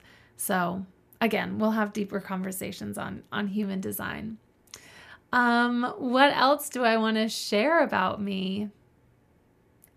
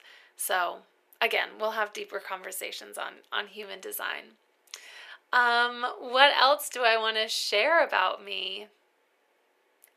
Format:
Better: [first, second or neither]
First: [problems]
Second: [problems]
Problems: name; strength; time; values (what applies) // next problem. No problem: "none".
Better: first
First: none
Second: thin; very; fading below 450 Hz